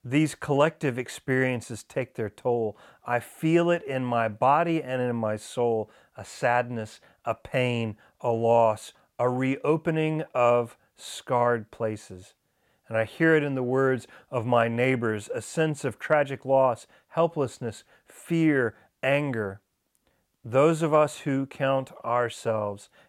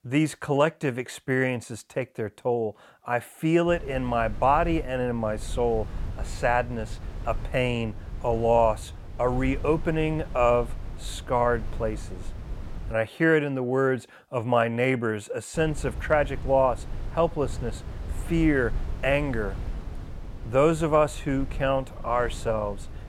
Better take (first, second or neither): first